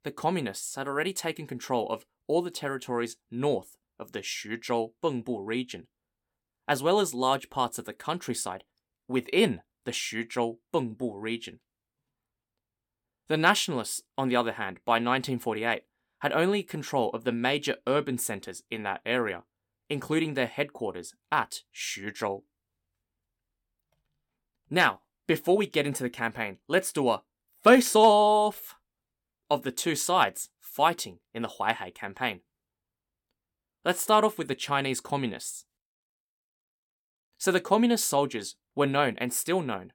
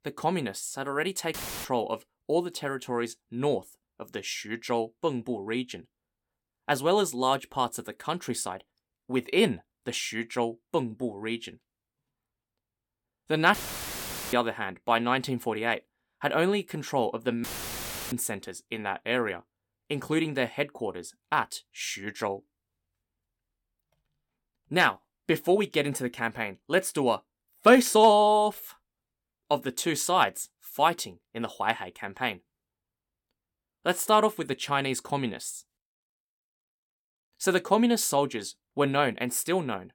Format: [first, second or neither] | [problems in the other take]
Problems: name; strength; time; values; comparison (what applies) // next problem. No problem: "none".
first | audio cutting out; filled with static; at 1.5 s, at 14 s for 1 s and at 17 s for 0.5 s